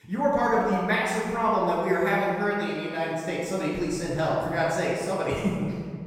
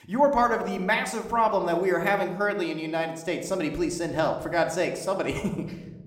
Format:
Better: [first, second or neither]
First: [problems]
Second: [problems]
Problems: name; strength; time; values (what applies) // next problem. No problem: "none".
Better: second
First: room echo; strong; dies away in 1.6 s // off-mic speech; far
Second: room echo; slight; dies away in 0.8 s